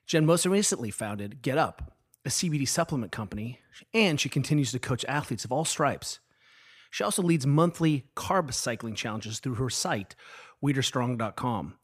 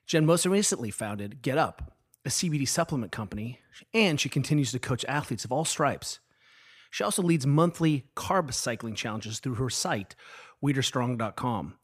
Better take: neither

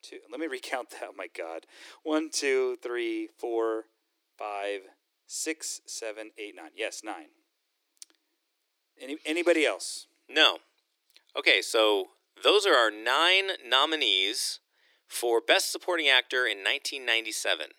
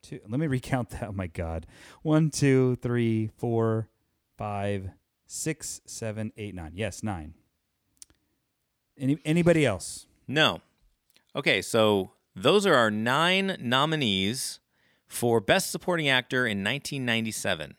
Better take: second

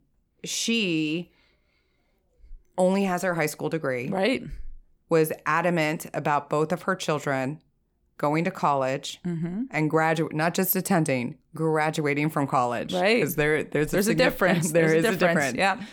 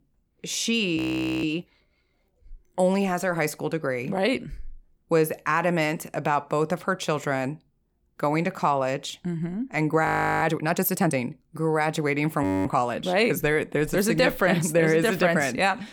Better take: first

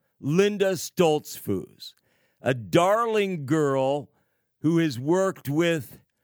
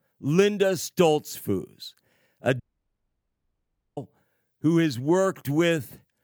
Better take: first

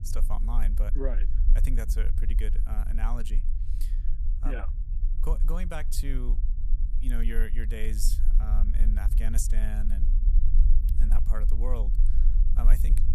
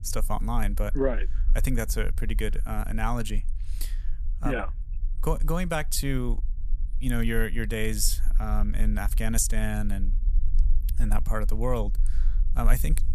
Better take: second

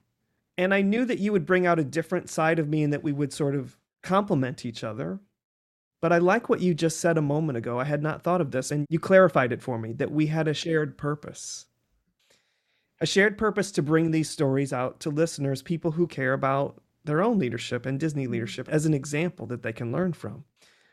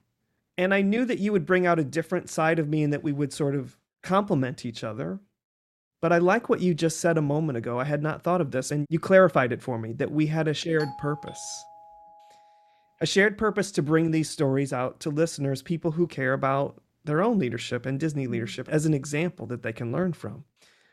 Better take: first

